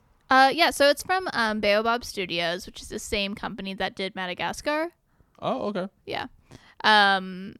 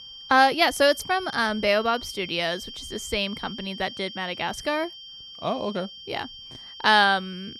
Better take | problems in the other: first | high-pitched whine; noticeable; throughout; 3 kHz, 15 dB below the speech

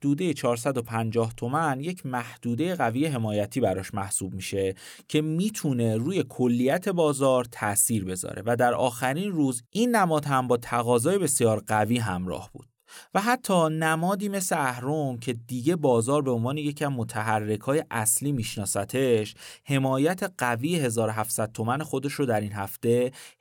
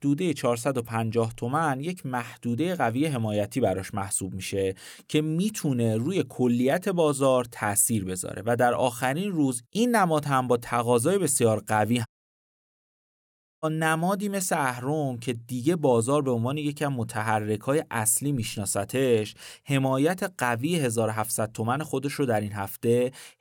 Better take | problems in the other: first | audio cutting out; at 12 s for 1.5 s

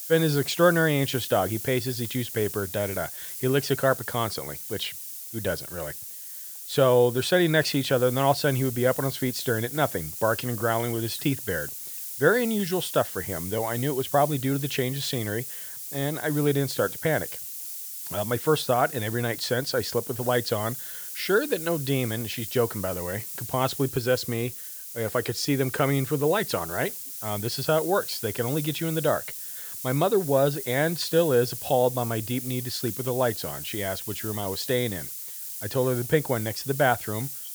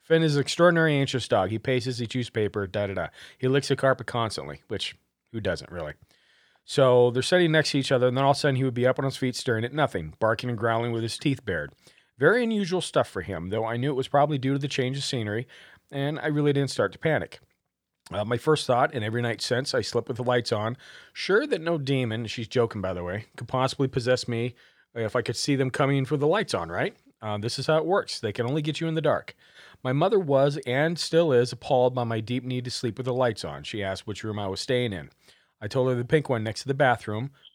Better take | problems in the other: second | hiss; loud; throughout; 6 dB below the speech

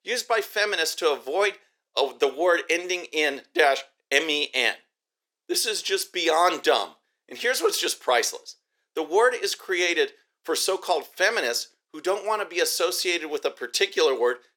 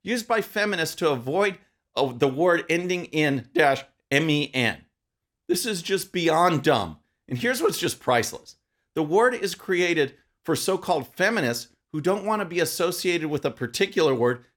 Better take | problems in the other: second | thin; very; fading below 400 Hz

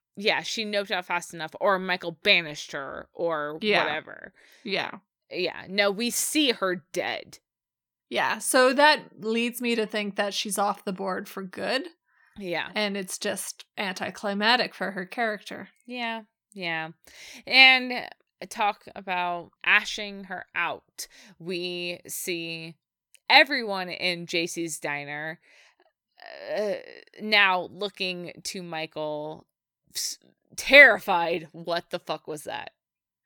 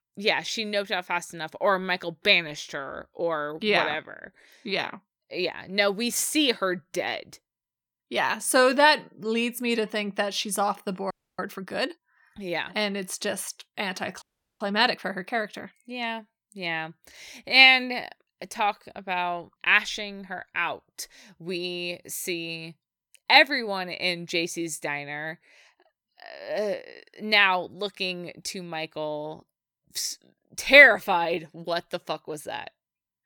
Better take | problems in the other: first | audio freezing; at 11 s and at 14 s

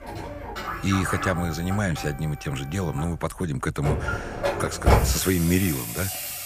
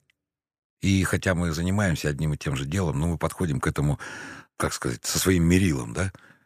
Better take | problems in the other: second | household noises; loud; throughout; 2 dB below the speech

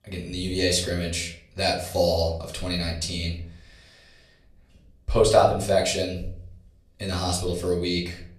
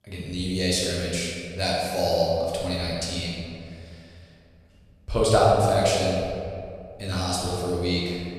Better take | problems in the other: first | room echo; strong; dies away in 2.1 s; slight in the first // off-mic speech; far; far in the first

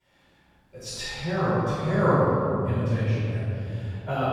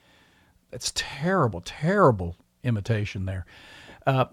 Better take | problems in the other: second | off-mic speech; far // room echo; strong; dies away in 2.6 s

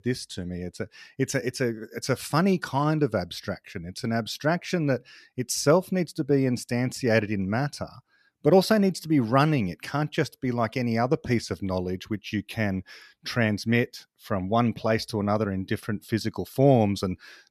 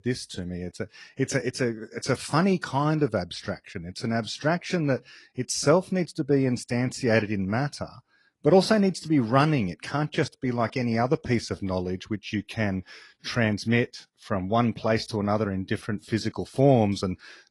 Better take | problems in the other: first | garbled, watery; slightly; nothing above 10.5 kHz

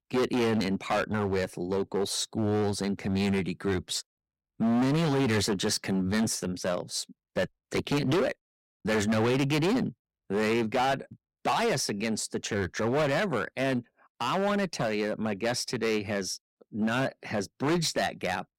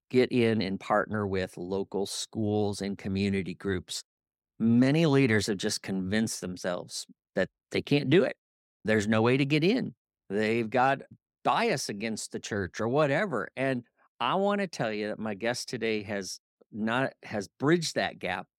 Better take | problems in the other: second | distortion; heavy; 14% of the sound clipped

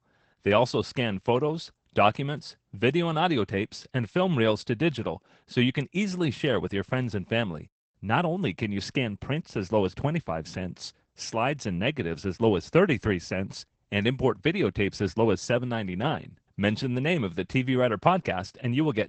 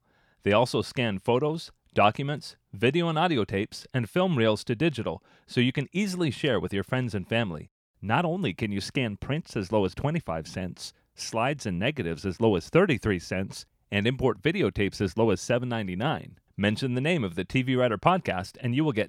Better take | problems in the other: second | garbled, watery; badly; nothing above 8 kHz

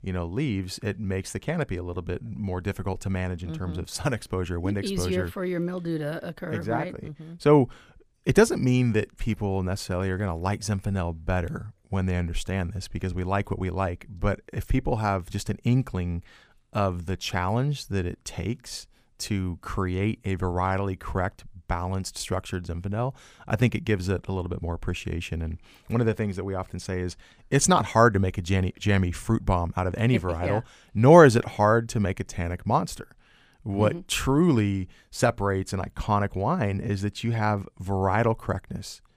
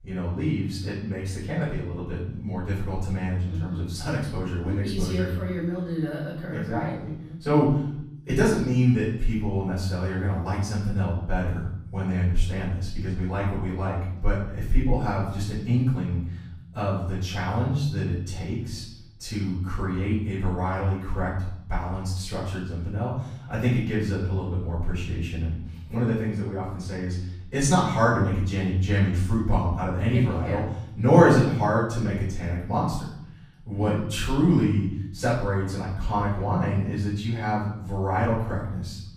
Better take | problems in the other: first | off-mic speech; far // room echo; noticeable; dies away in 0.9 s

